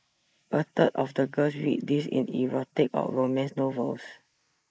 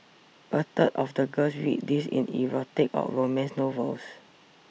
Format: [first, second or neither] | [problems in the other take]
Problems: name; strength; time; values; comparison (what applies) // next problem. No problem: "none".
second | noise reduction (neural mask model Resemble Enhance denoiser)